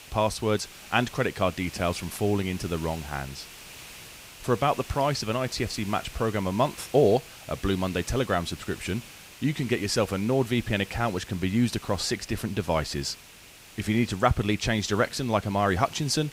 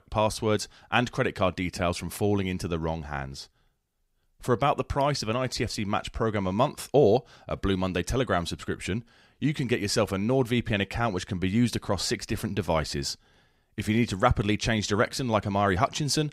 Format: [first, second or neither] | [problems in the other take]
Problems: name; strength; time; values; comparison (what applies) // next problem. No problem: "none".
second | hiss; noticeable; throughout; 15 dB below the speech